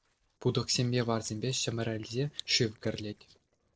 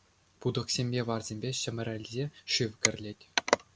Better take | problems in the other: second | noise reduction (neural separator model SepFormer DNS4)

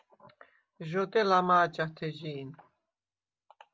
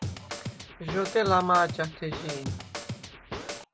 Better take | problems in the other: first | background sound (Scratching (performance technique)); 7 dB below the speech

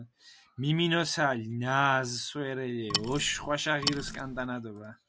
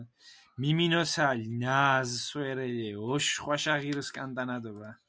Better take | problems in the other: second | background sound (Wood); 5 dB below the speech

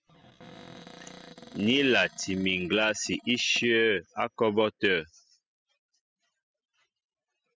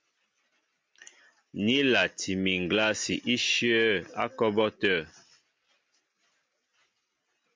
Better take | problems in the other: second | noise reduction (classical method spectral subtraction)

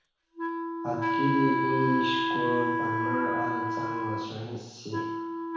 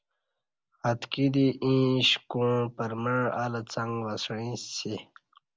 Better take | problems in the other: second | background sound (Wind instrument, woodwind instrument); 2 dB above the speech // room echo; dies away in 1.1 s

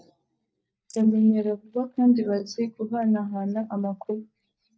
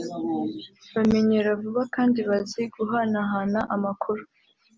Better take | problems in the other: second | noise reduction (neural mask model DeepFilterNet 3)

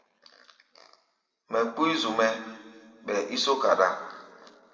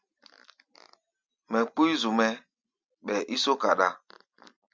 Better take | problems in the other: second | room echo; dies away in 1.6 s

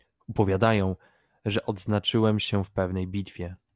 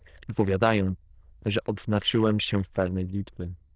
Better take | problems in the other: first | noise reduction (neural diffusion model UNIVERSE++)

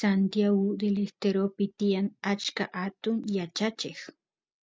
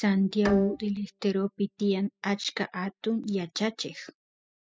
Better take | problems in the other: first | noise reduction (classical method spectral subtraction)

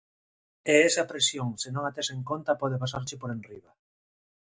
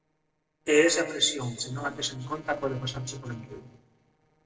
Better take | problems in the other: first | noise reduction (neural separator model SepFormer DNS4)

